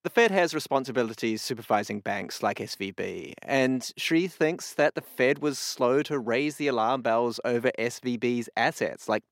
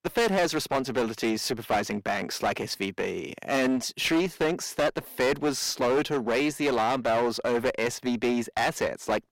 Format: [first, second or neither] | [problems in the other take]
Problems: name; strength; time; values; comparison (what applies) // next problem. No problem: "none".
first | distortion; heavy; 13% of the sound clipped